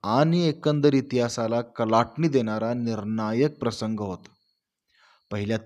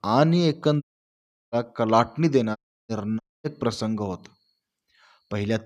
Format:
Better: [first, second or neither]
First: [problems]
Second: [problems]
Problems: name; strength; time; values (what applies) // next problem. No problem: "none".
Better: first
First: none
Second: audio cutting out; at 1 s for 0.5 s, at 2.5 s and at 3 s